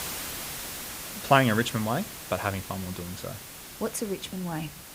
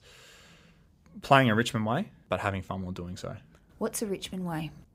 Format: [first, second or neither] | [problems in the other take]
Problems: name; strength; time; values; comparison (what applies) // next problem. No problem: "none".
second | hiss; loud; throughout; 9 dB below the speech